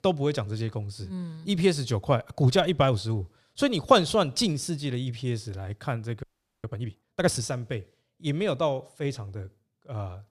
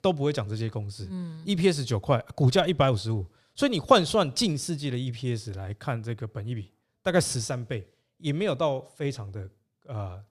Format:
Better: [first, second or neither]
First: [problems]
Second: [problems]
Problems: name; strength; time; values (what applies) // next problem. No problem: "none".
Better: second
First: audio freezing; at 6 s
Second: none